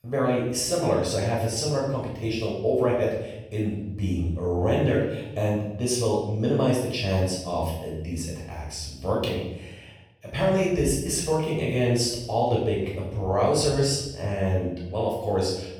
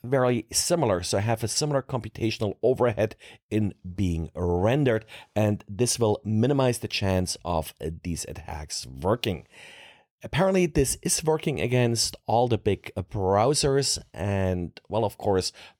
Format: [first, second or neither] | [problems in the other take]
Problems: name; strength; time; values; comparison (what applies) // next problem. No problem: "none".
second | off-mic speech; far // room echo; noticeable; dies away in 0.8 s